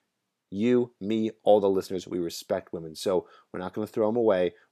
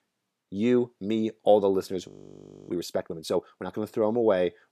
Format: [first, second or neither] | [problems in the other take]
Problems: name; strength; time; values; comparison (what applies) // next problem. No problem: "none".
first | audio freezing; at 2 s for 0.5 s